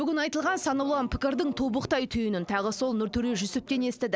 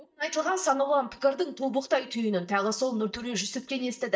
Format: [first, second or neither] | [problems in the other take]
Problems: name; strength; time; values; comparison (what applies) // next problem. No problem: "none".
first | noise reduction (neural mask model DeepFilterNet 3)